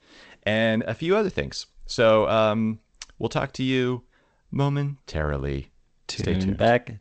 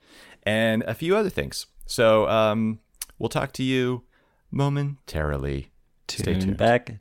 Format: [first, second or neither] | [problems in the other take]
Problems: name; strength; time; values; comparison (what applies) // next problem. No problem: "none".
second | garbled, watery; slightly; nothing above 8 kHz